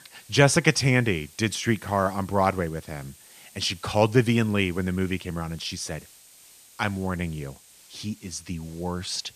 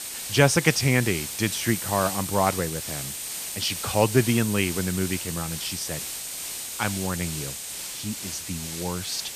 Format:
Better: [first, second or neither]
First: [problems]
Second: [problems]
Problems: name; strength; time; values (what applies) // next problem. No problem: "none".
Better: first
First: hiss; faint; throughout; 25 dB below the speech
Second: hiss; loud; throughout; 5 dB below the speech